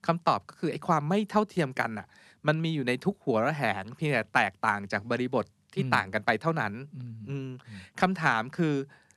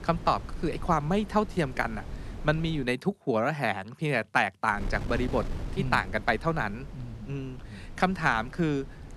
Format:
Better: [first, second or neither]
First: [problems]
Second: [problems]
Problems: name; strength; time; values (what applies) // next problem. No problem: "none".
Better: first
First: none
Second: wind noise on the microphone; occasional gusts; until 3 s and from 5 s on; 20 dB below the speech